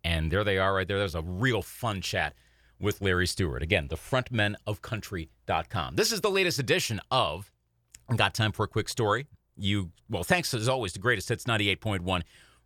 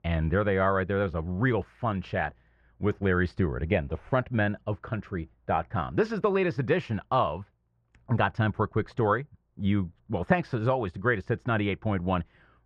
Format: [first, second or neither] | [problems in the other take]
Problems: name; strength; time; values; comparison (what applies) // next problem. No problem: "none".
first | muffled; very; fading above 1.5 kHz